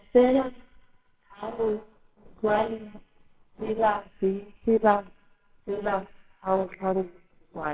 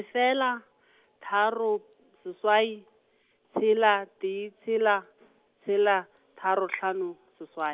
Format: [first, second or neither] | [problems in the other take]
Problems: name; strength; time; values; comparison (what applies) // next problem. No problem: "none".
second | noise reduction (neural separator model SepFormer WHAMR!)